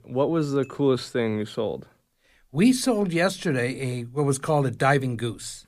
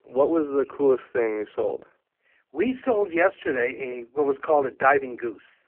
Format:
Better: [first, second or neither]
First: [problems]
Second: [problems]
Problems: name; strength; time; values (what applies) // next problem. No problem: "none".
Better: first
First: none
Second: phone-call audio; poor line